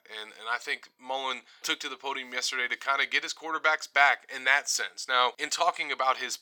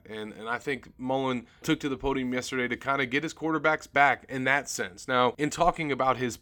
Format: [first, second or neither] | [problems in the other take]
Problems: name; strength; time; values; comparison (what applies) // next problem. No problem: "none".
second | thin; very; fading below 850 Hz